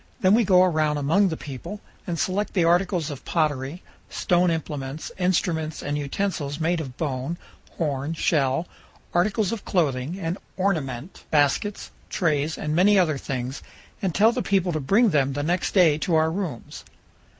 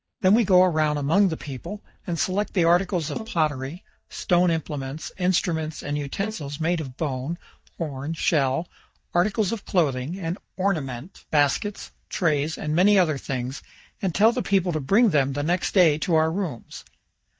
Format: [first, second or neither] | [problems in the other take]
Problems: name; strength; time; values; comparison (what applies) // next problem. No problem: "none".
first | noise reduction (neural mask model DeepFilterNet 3)